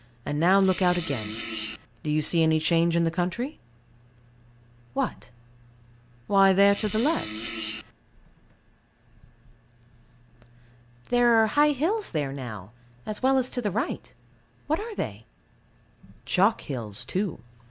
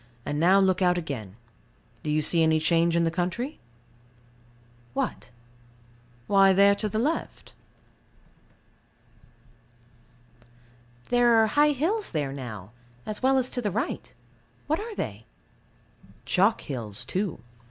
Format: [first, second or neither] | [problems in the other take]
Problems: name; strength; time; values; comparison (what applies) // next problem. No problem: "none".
second | background sound (Fart); 9 dB below the speech